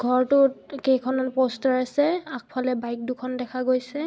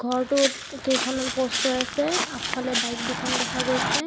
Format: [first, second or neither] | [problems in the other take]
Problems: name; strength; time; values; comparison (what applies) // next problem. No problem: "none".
first | background sound (Walk, footsteps); 1 dB below the speech